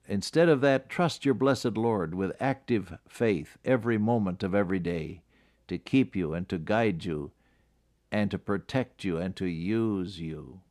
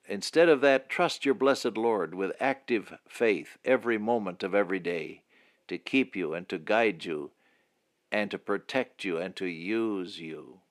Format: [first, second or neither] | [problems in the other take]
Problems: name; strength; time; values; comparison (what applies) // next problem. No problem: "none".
first | thin; very slightly; fading below 350 Hz